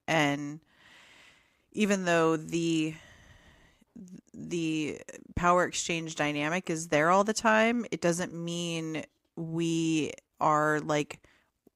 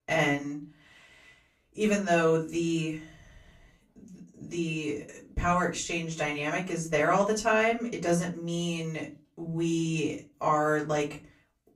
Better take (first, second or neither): first